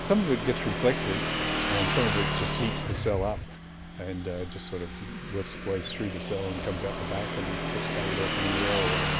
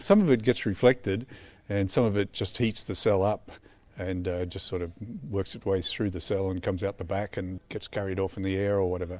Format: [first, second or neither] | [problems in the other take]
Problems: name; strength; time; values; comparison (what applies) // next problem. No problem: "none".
second | background sound (Motorcycle / Engine); as loud as the speech